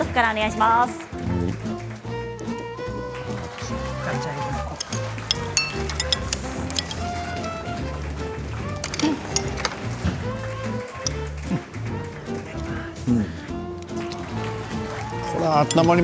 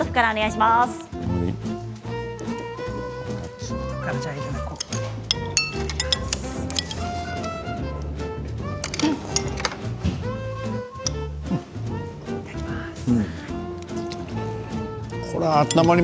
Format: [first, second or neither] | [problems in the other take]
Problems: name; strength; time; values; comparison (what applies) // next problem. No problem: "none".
second | background sound (Applause / Crowd / Cheering); 13 dB below the speech